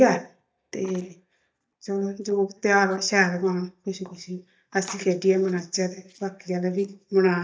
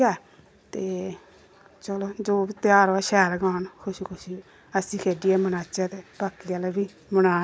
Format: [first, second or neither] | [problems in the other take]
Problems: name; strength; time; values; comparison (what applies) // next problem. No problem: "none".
second | noise reduction (neural mask model DeepFilterNet 3)